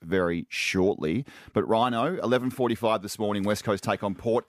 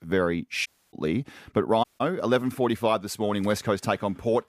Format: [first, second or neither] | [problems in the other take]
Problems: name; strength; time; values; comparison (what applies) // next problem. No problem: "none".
first | audio cutting out; at 0.5 s and at 2 s